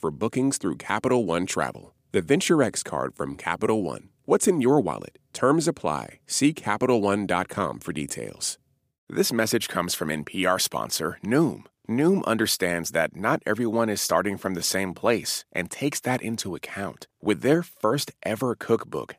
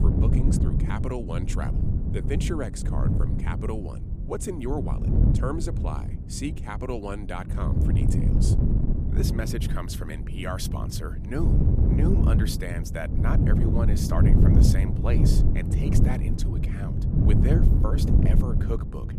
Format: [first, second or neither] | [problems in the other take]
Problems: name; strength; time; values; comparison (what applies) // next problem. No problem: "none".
first | wind noise on the microphone; heavy; as loud as the speech